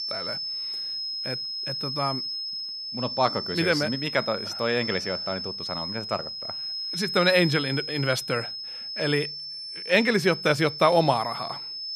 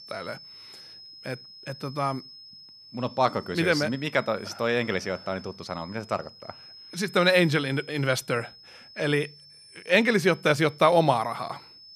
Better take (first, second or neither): second